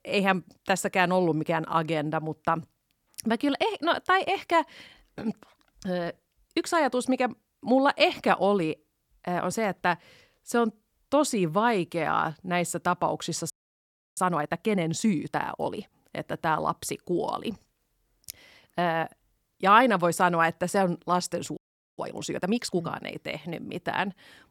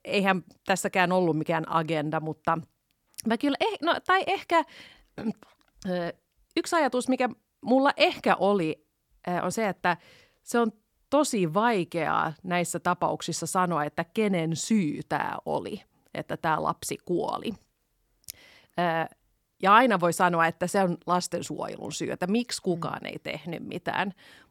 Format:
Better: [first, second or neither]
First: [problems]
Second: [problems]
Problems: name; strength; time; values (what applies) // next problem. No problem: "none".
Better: second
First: audio freezing; at 14 s for 0.5 s and at 22 s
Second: none